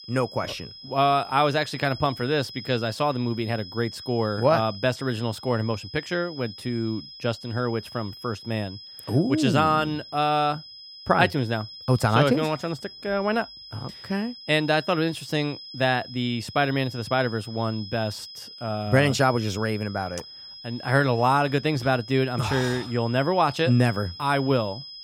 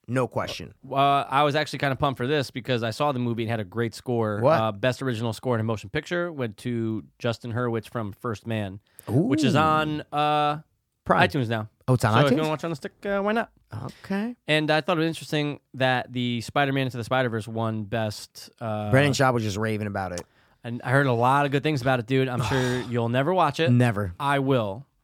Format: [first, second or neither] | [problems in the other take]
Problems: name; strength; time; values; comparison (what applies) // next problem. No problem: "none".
second | high-pitched whine; noticeable; throughout; 5 kHz, 15 dB below the speech